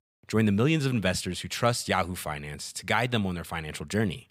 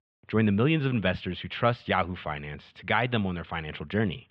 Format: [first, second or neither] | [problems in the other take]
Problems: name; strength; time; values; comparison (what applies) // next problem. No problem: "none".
first | muffled; very; fading above 3.5 kHz